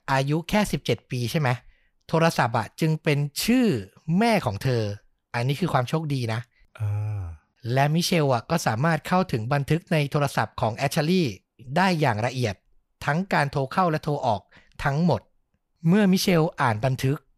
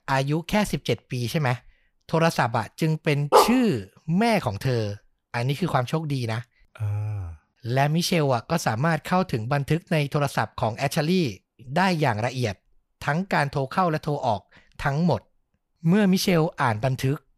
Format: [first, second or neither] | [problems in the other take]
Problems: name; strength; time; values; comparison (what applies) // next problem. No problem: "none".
first | dog barking; loud; at 3.5 s; peak 5 dB above the speech